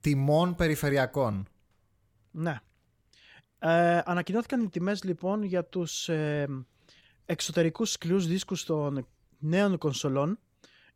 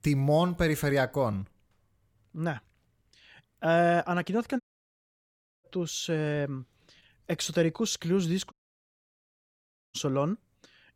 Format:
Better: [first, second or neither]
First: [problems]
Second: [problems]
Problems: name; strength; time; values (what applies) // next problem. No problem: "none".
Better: first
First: none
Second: audio cutting out; at 4.5 s for 1 s and at 8.5 s for 1.5 s